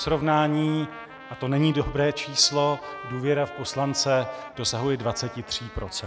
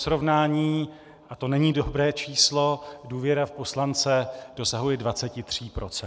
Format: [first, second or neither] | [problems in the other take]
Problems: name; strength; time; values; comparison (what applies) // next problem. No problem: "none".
second | background sound (Trumpet); 16 dB below the speech